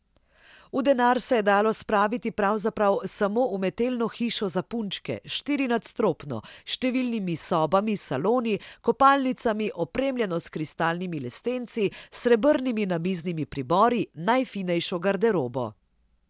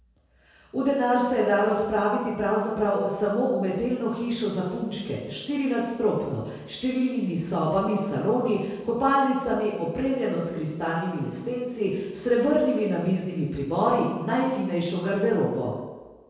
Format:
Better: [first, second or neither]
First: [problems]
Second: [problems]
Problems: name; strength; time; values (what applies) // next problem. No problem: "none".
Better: first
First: none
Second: room echo; dies away in 1.2 s